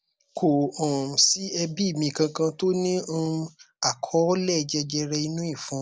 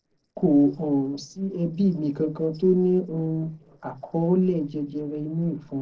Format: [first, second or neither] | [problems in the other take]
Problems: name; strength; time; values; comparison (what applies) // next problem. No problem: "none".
first | noise reduction (neural separator model SepFormer DNS4)